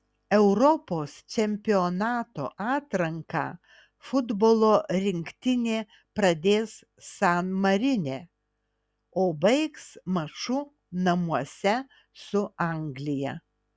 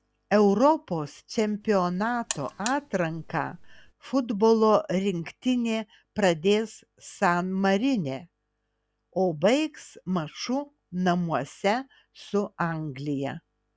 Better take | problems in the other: first | background sound (Alarm); 15 dB below the speech

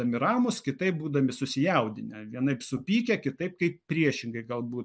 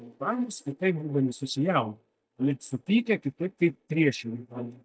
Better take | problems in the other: first | noise reduction (neural mask model DeepFilterNet 3)

